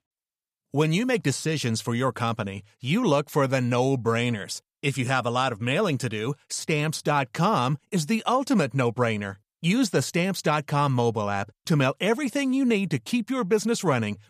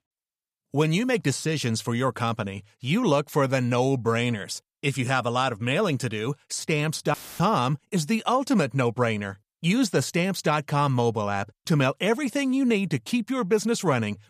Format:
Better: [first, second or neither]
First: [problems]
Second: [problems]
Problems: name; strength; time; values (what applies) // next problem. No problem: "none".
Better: first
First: none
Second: audio cutting out; filled with static; at 7 s